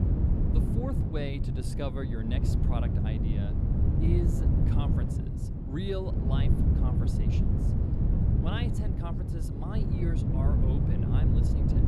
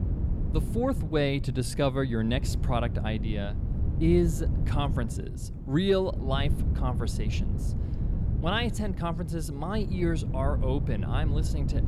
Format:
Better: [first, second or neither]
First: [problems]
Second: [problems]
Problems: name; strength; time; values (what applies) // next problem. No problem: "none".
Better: second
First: wind noise on the microphone; heavy; 2 dB above the speech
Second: wind noise on the microphone; occasional gusts; 10 dB below the speech